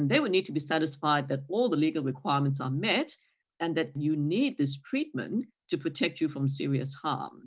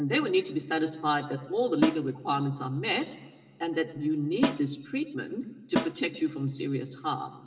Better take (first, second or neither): first